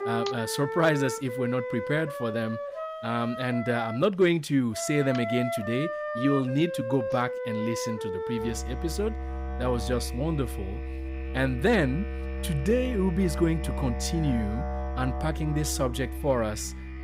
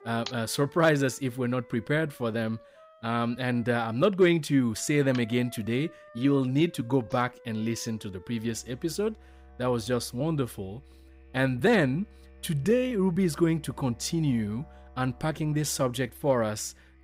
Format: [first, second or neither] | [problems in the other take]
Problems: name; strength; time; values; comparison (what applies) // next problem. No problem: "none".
second | background music; loud; throughout; 6 dB below the speech; faint in the second